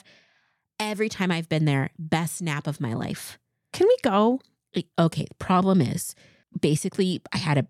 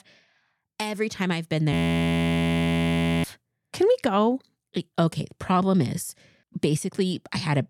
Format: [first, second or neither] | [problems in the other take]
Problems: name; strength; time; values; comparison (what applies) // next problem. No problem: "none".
first | audio freezing; at 1.5 s for 1.5 s